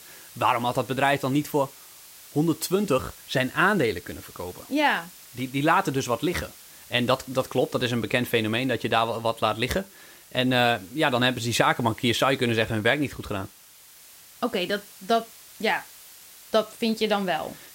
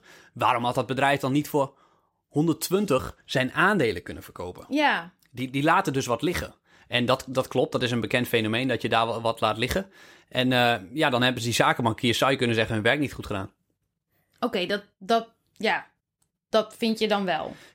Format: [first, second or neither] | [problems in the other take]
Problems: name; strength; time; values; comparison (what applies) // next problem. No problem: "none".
second | hiss; faint; throughout; 20 dB below the speech